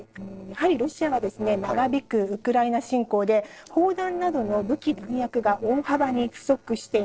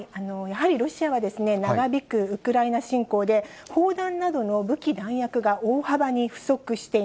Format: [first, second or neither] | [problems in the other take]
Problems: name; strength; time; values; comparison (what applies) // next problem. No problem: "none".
second | noise reduction (neural separator model SepFormer DNS4)